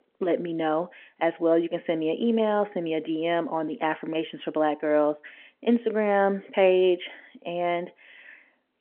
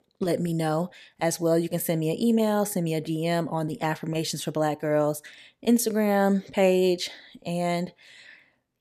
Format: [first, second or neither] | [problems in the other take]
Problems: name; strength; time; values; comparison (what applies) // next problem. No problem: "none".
second | phone-call audio